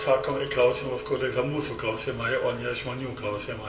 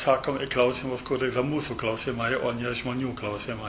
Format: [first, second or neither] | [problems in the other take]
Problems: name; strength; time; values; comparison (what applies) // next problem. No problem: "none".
second | background sound (Chink, clink); 12 dB below the speech // room echo; dies away in 1.6 s